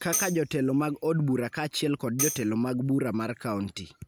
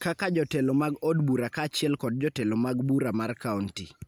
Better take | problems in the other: second | background sound (Tambourine); 8 dB below the speech

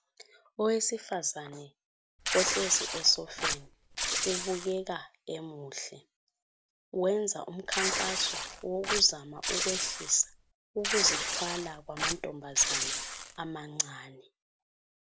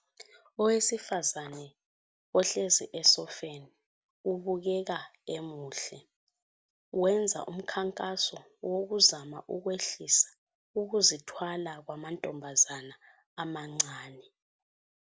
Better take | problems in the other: second | background sound (Tearing); as loud as the speech

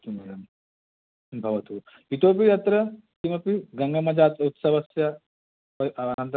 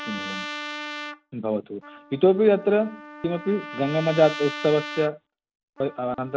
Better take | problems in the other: first | background sound (Trumpet); 12 dB below the speech

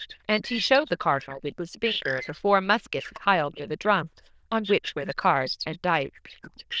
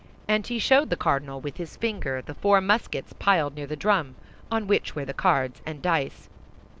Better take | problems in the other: second | noise reduction (neural diffusion model UNIVERSE++)

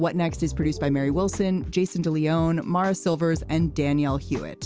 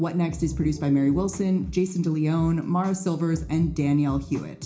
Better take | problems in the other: first | room echo; dies away in 0.4 s

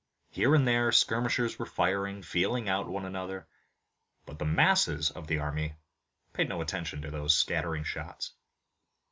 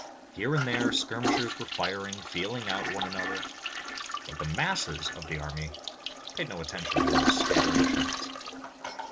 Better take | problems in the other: first | background sound (Toilet flush); 3 dB above the speech

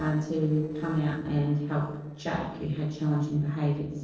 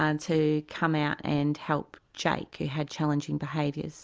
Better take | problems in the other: second | noise reduction (neural separator model SepFormer DNS4)

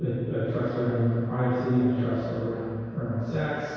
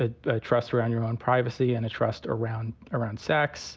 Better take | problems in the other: second | room echo; dies away in 2 s

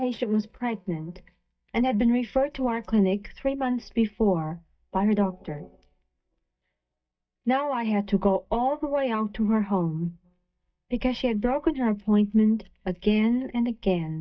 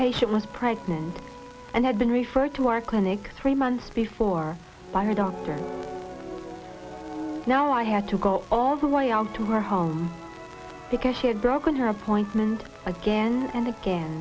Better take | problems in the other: second | noise reduction (neural mask model DeepFilterNet 3)

